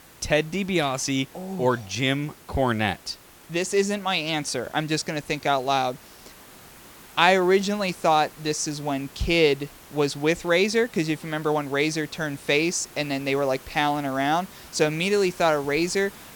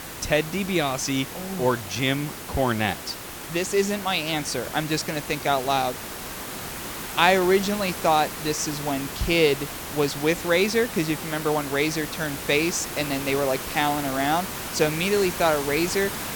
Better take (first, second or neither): first